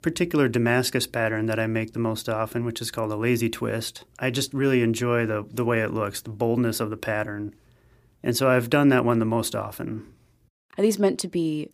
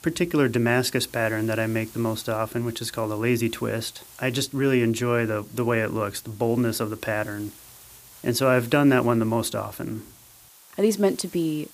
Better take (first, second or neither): first